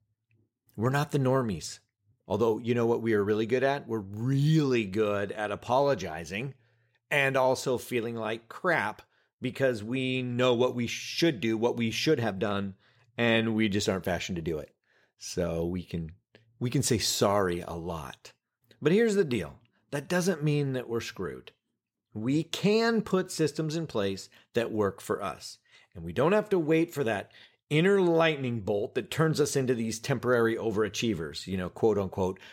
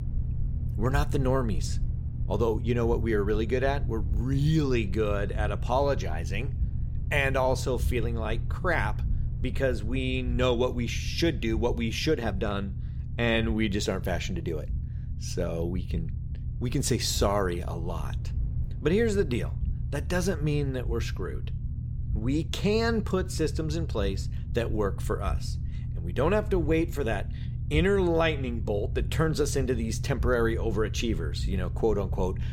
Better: first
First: none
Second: low rumble; noticeable; throughout; 20 dB below the speech

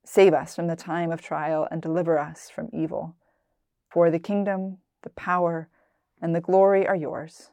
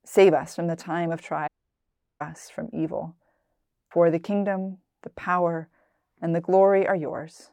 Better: first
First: none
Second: audio cutting out; at 1.5 s for 0.5 s

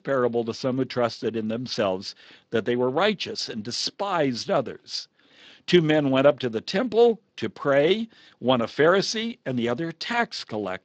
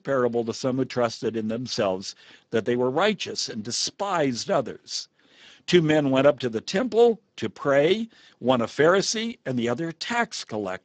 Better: first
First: garbled, watery; slightly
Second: garbled, watery; badly; nothing above 7.5 kHz

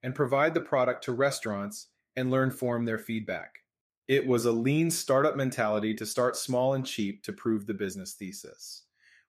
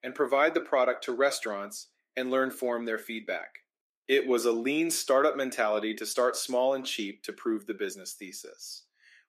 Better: first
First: none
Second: thin; very slightly; fading below 300 Hz

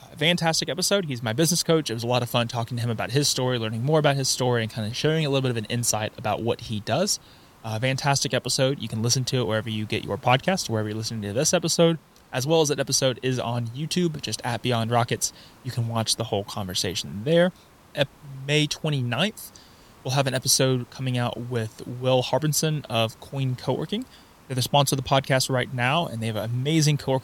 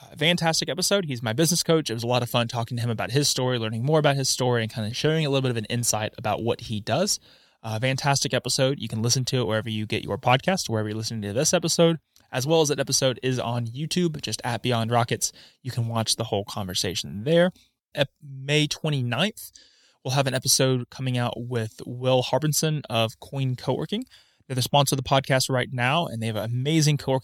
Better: second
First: hiss; faint; throughout; 30 dB below the speech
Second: none

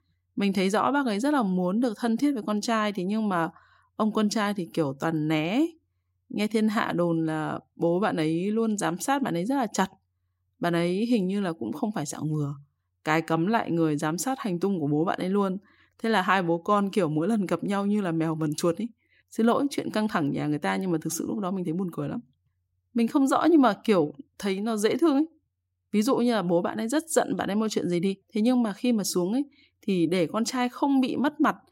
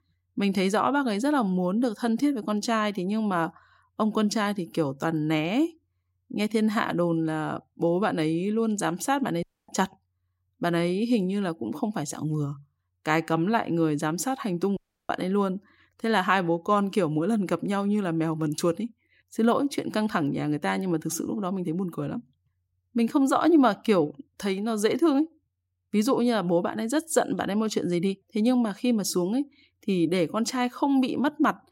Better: first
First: none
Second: audio cutting out; at 9.5 s and at 15 s

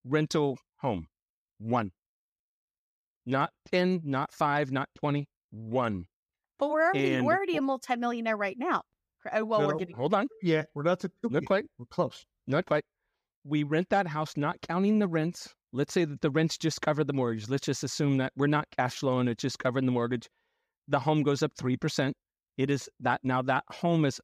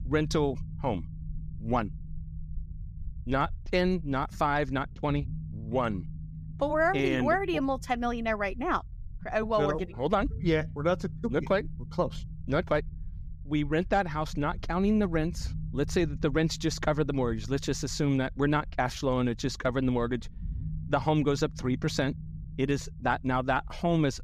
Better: first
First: none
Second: low rumble; faint; throughout; 25 dB below the speech

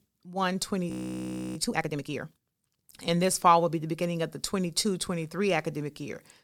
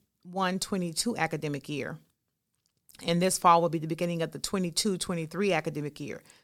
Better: second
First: audio freezing; at 1 s for 0.5 s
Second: none

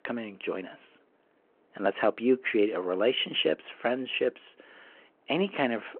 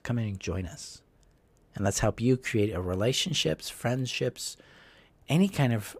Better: second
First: phone-call audio; nothing above 3 kHz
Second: none

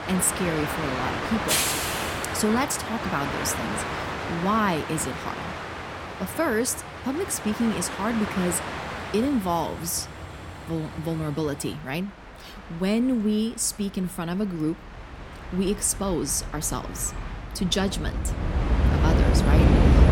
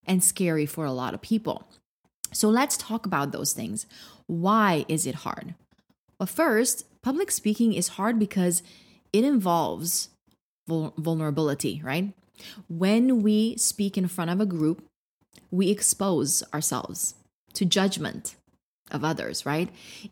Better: second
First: train or aircraft noise; loud; throughout; 1 dB below the speech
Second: none

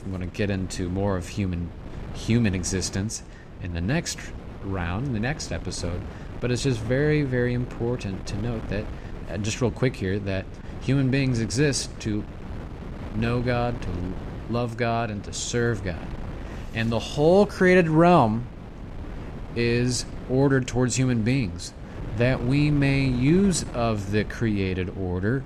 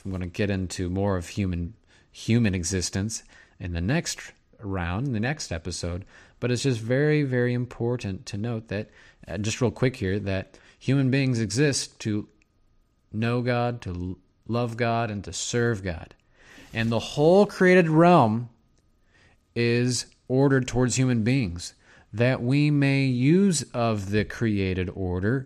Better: second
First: wind noise on the microphone; occasional gusts; 15 dB below the speech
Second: none

